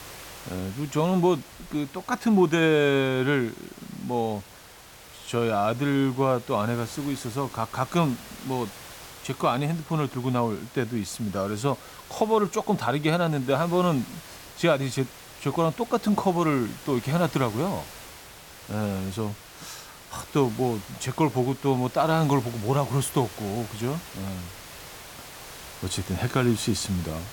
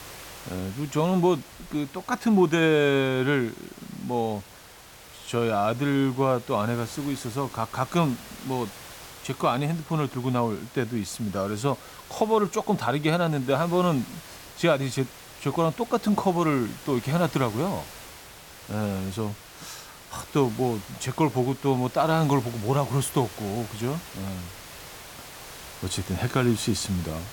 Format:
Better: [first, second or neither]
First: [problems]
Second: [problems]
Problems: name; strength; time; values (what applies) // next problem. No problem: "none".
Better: neither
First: hiss; noticeable; throughout; 15 dB below the speech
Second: hiss; noticeable; throughout; 15 dB below the speech